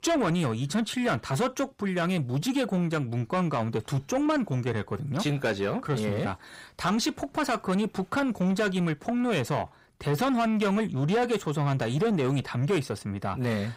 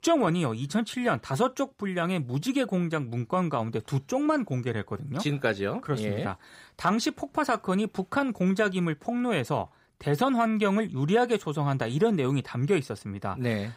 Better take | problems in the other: second | distortion; slight; 10 dB below the speech

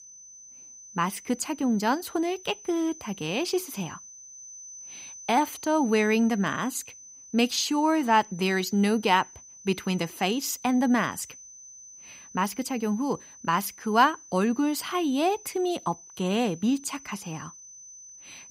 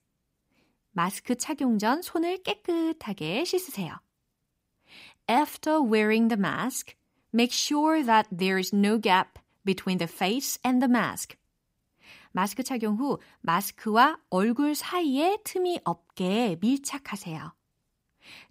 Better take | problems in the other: second | high-pitched whine; noticeable; throughout; 6 kHz, 20 dB below the speech

